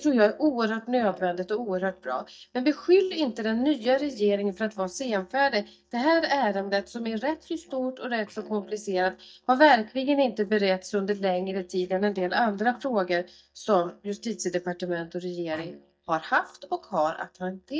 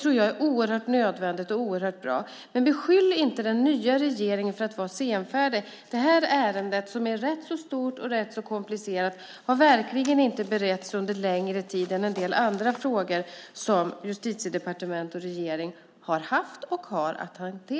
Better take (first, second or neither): second